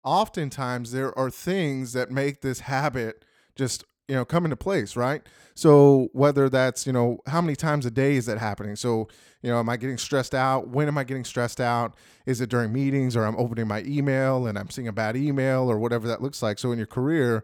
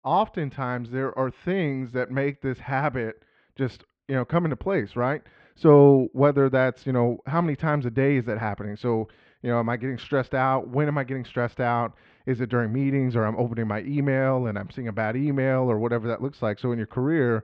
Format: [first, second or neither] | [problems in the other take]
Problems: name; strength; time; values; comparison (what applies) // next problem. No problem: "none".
first | muffled; very; fading above 3 kHz